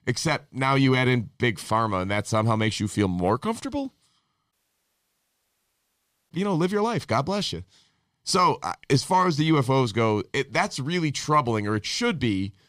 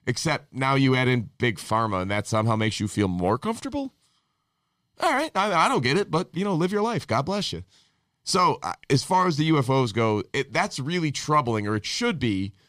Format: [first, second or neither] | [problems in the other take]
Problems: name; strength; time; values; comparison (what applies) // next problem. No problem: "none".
second | audio cutting out; at 4.5 s for 2 s